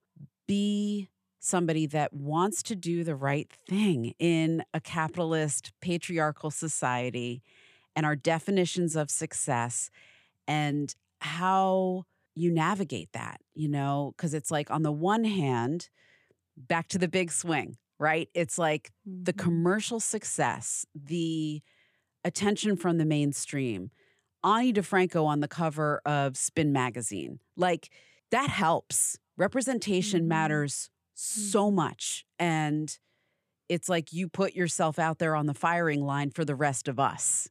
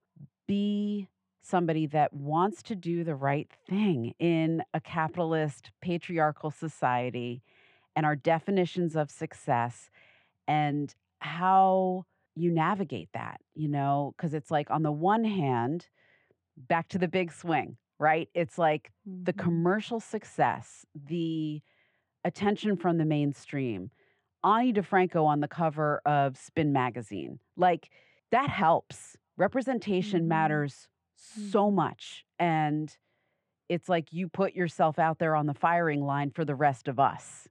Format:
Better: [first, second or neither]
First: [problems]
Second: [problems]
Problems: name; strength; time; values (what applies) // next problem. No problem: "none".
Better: first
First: none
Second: muffled; very; fading above 2.5 kHz